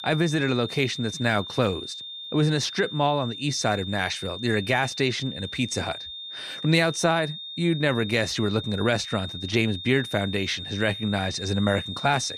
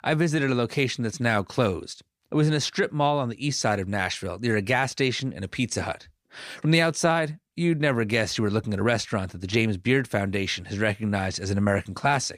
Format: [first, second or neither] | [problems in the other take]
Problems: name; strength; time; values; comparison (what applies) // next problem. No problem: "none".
second | high-pitched whine; loud; throughout; 3.5 kHz, 9 dB below the speech